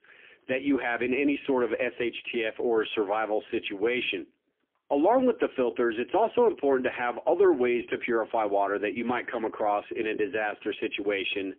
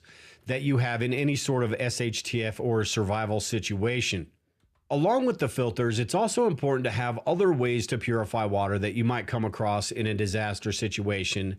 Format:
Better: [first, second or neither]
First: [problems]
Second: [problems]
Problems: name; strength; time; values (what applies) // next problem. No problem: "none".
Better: second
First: phone-call audio; poor line; nothing above 3.5 kHz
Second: none